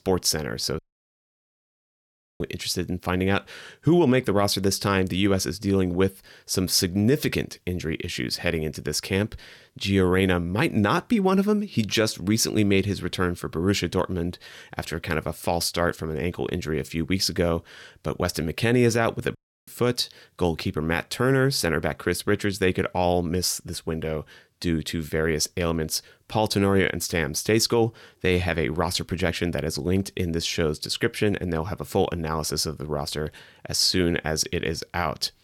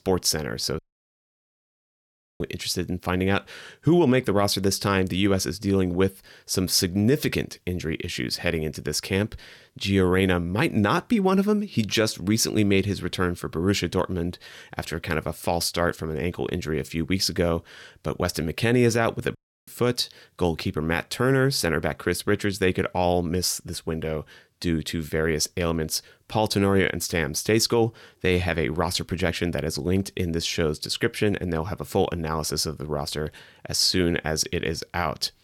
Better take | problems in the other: neither | audio cutting out; at 1 s for 1.5 s and at 19 s; the same in both

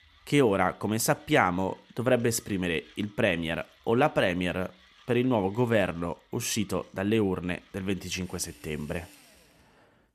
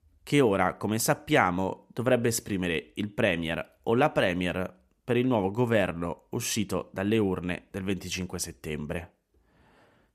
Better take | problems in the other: second | machinery noise; faint; throughout; 30 dB below the speech

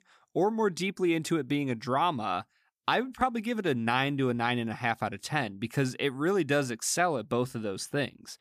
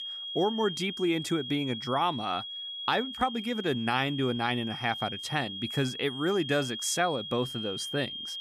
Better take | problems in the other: first | high-pitched whine; loud; throughout; 3.5 kHz, 6 dB below the speech

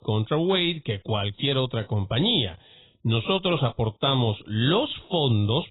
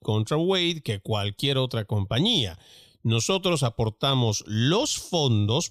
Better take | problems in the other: second | garbled, watery; badly; nothing above 4 kHz

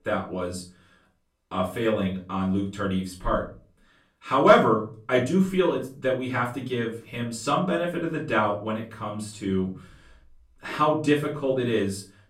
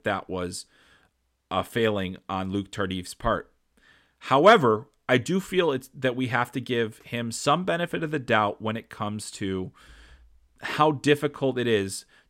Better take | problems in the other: second | off-mic speech; far // room echo; slight; dies away in 0.3 s

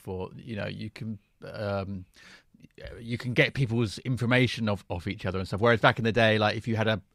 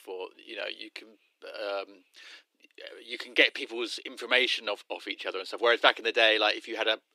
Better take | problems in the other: first | thin; very; fading below 300 Hz

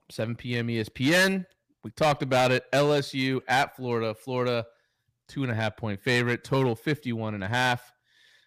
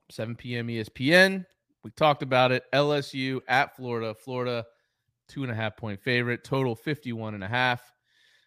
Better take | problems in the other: second | distortion; heavy; 5% of the sound clipped

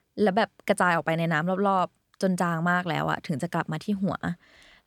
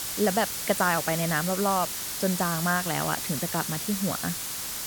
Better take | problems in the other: first | hiss; loud; throughout; 2 dB below the speech

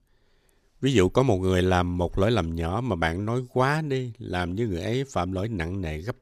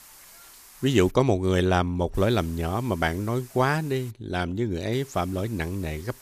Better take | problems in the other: first | hiss; faint; until 1 s, from 2 to 4 s and from 5 s on; 20 dB below the speech

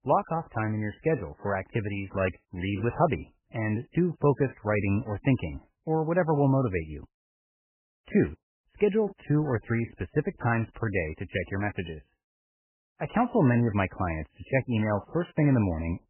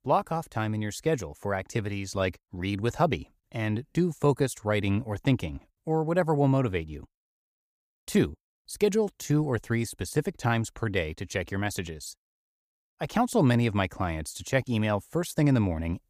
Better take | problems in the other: second | garbled, watery; badly; nothing above 3 kHz

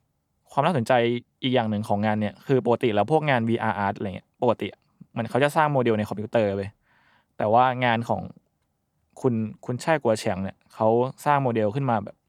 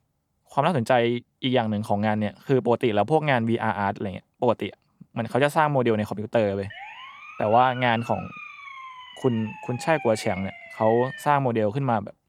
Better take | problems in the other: first | siren; faint; from 6.5 to 11 s; peak 15 dB below the speech

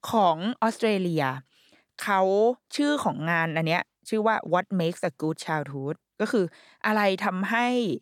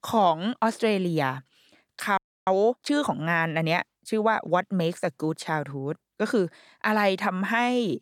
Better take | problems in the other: first | audio freezing; at 2 s

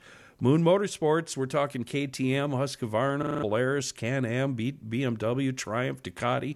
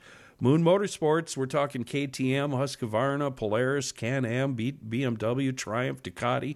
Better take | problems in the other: second | audio freezing; at 3 s

